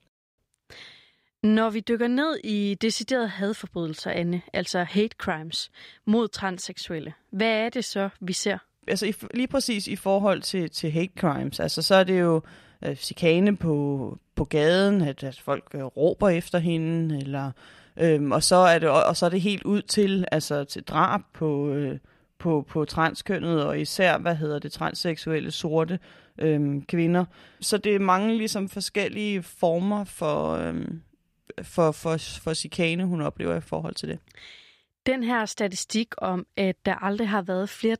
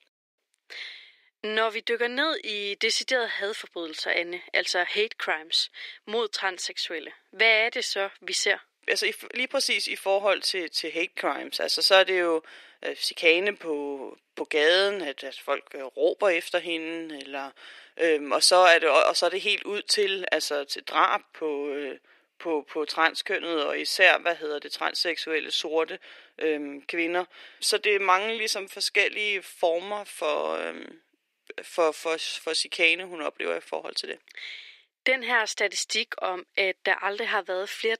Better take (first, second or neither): first